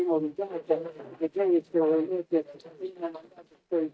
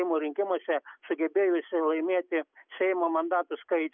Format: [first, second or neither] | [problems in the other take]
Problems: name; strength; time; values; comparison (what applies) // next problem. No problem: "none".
second | noise reduction (neural mask model DeepFilterNet 3)